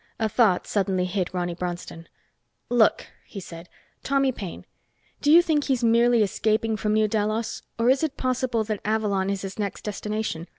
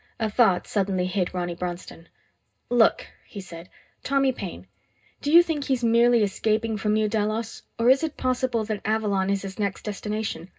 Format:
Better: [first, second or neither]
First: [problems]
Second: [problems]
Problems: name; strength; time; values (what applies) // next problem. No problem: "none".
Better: first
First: none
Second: room echo; dies away in 0.2 s